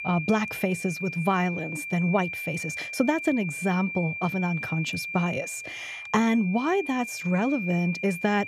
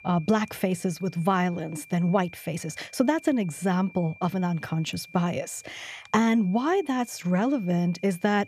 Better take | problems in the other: second | high-pitched whine; loud; throughout; 2.5 kHz, 6 dB below the speech; faint in the second

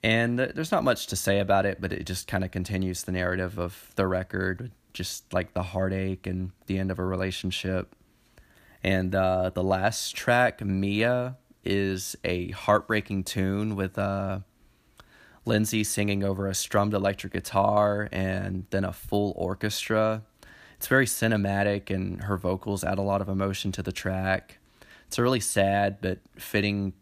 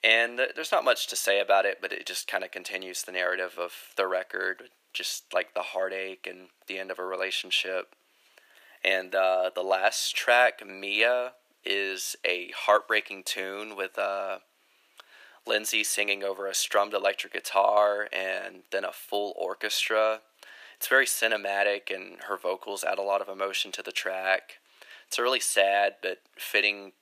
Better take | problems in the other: first | thin; very; fading below 450 Hz

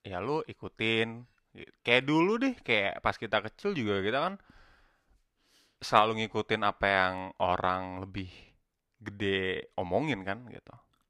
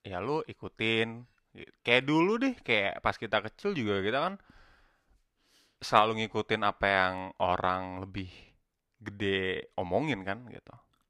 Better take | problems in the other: neither | none

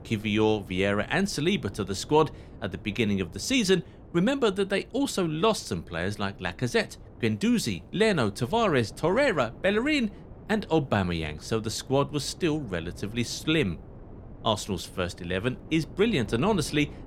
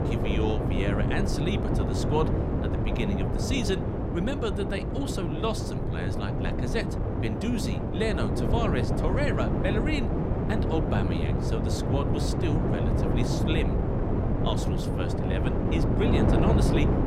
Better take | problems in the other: first | wind noise on the microphone; heavy; 1 dB above the speech; occasional gusts in the first

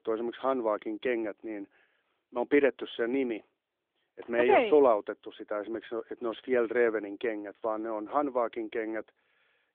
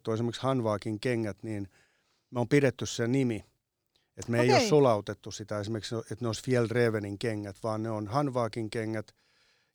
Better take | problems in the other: second | phone-call audio; nothing above 3.5 kHz

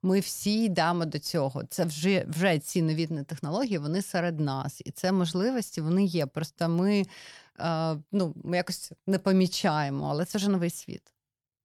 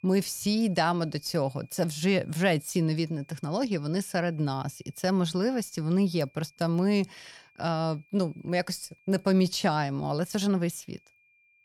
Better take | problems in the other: first | high-pitched whine; faint; throughout; 2.5 kHz, 35 dB below the speech

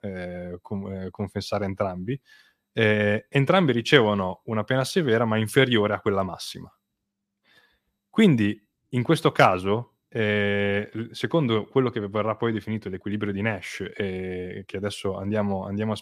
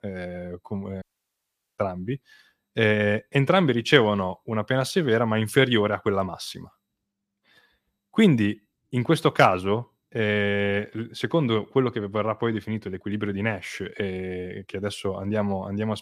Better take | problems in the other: first | audio cutting out; at 1 s for 1 s

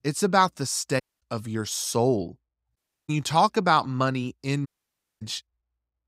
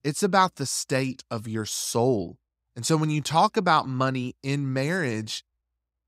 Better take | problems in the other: second | audio cutting out; at 1 s, at 3 s and at 4.5 s for 0.5 s

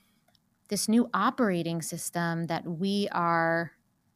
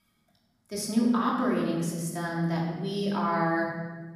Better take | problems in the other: first | off-mic speech; far // room echo; noticeable; dies away in 1.4 s

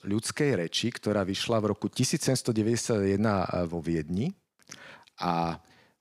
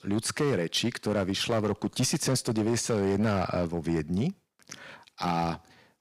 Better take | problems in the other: first | distortion; slight; 6% of the sound clipped

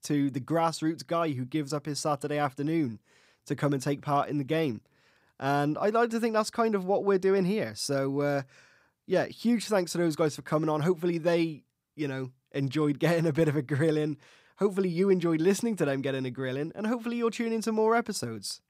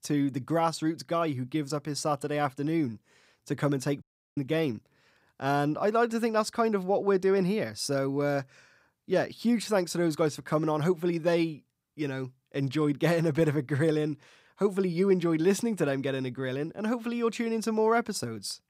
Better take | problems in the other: first | audio cutting out; at 4 s

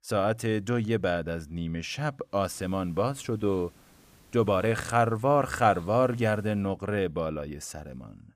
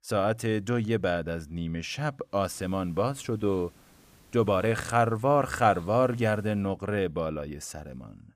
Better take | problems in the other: neither | hiss; faint; from 2.5 to 6.5 s; 25 dB below the speech; the same in both

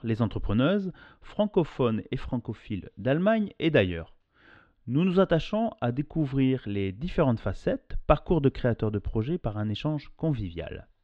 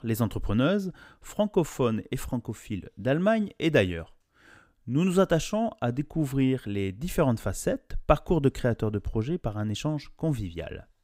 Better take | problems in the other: second | muffled; slightly; fading above 3.5 kHz

